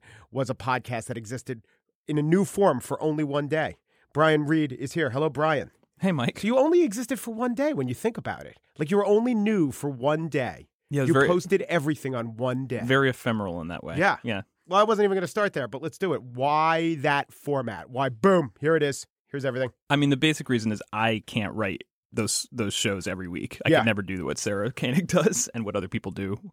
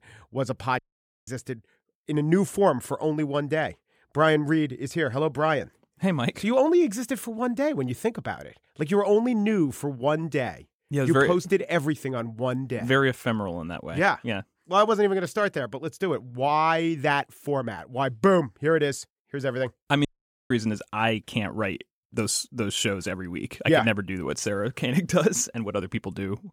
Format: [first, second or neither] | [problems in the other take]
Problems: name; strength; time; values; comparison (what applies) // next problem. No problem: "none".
first | audio cutting out; at 1 s and at 20 s